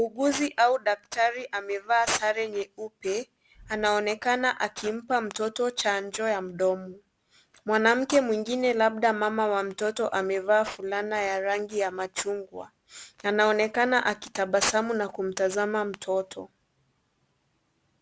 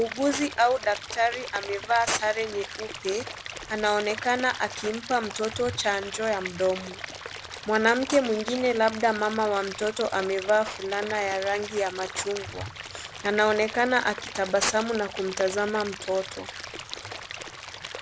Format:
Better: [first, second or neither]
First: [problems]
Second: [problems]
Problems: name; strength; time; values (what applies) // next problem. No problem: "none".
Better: first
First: none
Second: background sound (Stream / Liquid); 12 dB below the speech